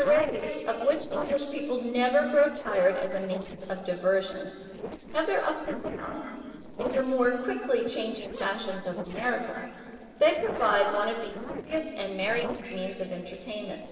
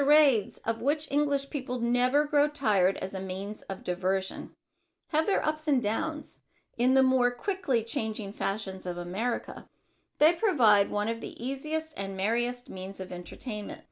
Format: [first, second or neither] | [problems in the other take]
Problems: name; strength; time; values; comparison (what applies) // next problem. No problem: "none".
second | noise reduction (neural separator model SepFormer DNS4)